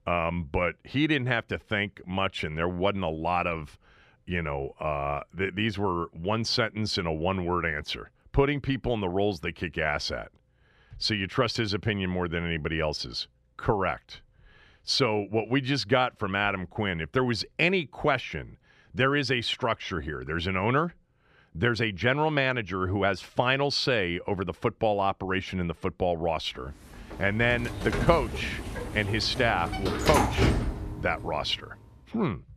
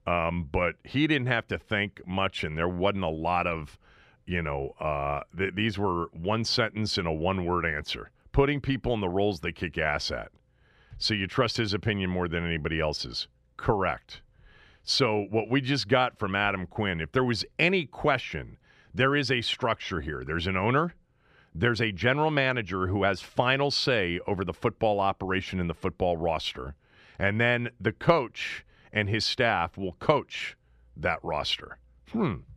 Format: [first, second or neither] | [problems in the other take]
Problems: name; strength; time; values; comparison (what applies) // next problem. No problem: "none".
second | door banging; loud; from 27 to 31 s; peak 4 dB above the speech